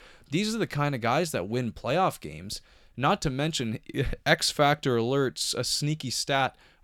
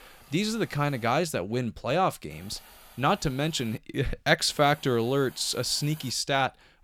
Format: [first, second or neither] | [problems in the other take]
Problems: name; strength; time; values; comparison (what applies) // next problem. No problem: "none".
first | hiss; faint; until 1 s, from 2.5 to 4 s and from 4.5 to 6 s; 25 dB below the speech